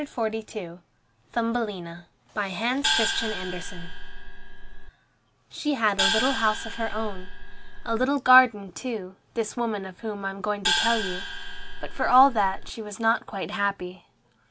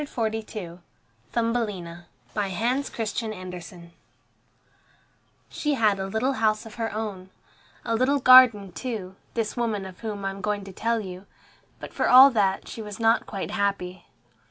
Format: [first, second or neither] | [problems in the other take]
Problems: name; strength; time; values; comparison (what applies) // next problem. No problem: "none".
second | background sound (Gong); 1 dB below the speech